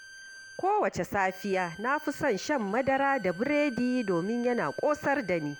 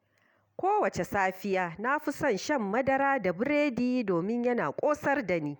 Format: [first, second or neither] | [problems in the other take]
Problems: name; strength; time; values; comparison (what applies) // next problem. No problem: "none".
second | background sound (Bowed string instrument); 19 dB below the speech